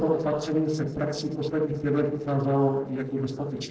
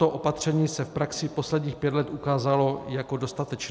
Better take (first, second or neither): second